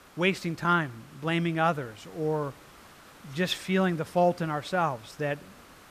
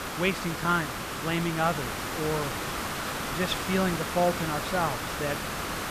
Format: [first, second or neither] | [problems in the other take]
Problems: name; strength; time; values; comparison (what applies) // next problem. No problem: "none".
first | hiss; loud; throughout; 2 dB below the speech; faint in the first